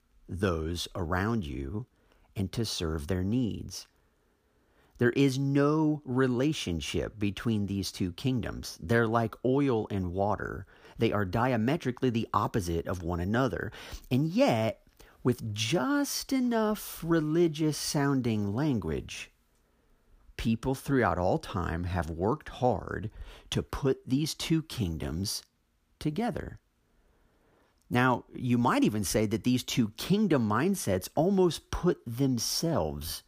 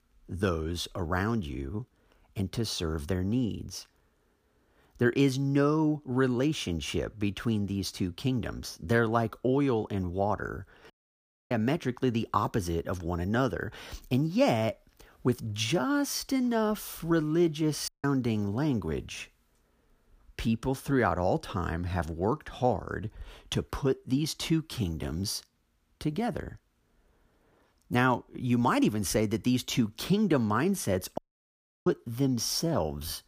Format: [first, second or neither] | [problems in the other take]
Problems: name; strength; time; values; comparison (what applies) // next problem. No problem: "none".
first | audio cutting out; at 11 s for 0.5 s, at 18 s and at 31 s for 0.5 s